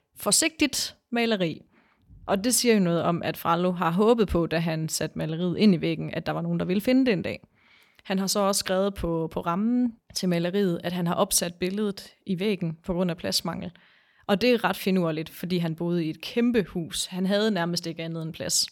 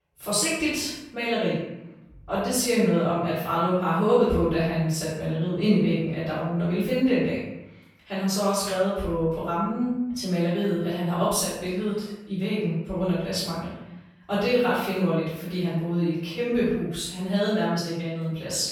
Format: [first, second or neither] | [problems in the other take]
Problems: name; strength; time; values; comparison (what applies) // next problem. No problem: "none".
first | off-mic speech; far // room echo; strong; dies away in 0.8 s